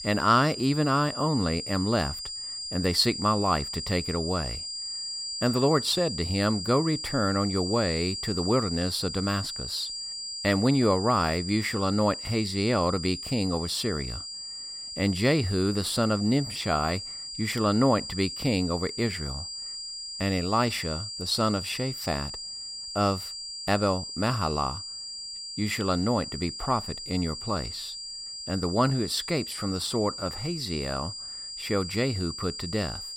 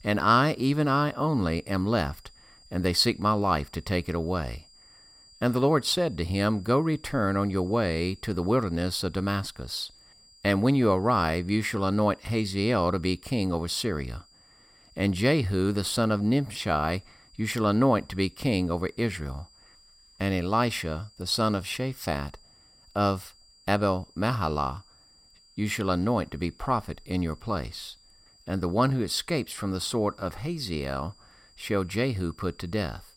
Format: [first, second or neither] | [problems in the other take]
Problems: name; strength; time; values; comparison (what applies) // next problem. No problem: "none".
second | high-pitched whine; loud; throughout; 5 kHz, 7 dB below the speech; faint in the second